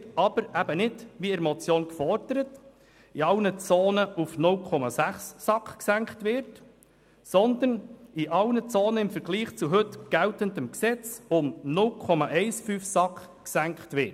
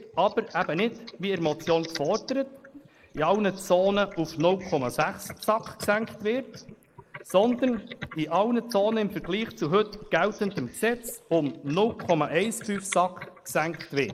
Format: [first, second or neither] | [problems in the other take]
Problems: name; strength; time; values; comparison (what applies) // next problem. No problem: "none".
first | noise reduction (neural mask model Resemble Enhance denoiser)